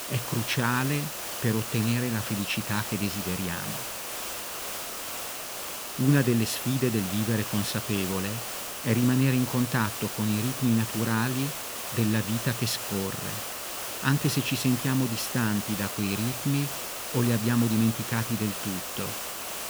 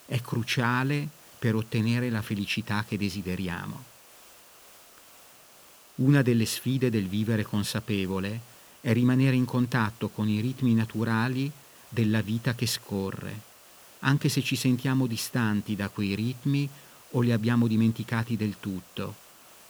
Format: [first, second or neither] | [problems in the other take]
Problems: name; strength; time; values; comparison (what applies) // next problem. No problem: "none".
second | hiss; loud; throughout; 5 dB below the speech; faint in the second